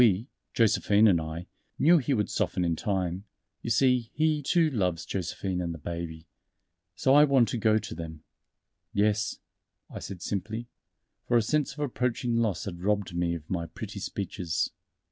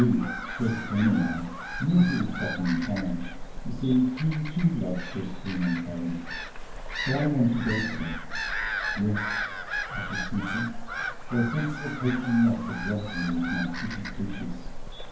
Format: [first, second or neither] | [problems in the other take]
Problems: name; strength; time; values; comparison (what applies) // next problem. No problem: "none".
first | background sound (Gull, seagull / Bird vocalization, bird call, bird song); 6 dB below the speech // room echo; dies away in 0.9 s